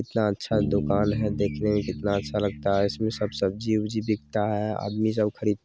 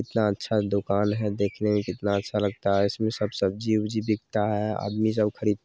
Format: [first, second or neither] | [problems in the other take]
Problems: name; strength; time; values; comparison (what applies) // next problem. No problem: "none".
second | background sound (Bass guitar); 9 dB below the speech